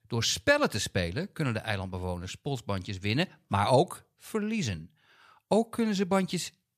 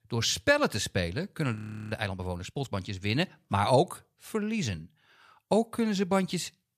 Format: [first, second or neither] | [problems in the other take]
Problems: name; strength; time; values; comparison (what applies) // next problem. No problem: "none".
first | audio freezing; at 1.5 s